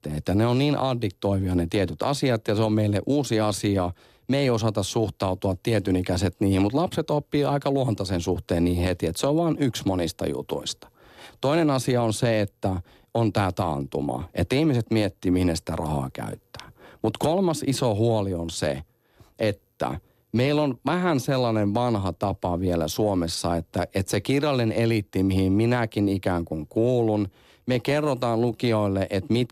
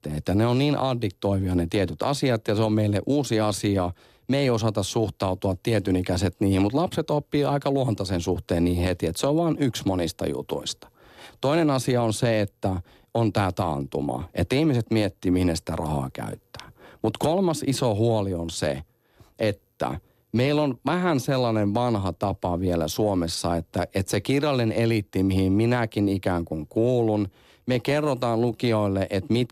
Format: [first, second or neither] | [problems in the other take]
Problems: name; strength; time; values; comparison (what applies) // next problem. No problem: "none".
neither | none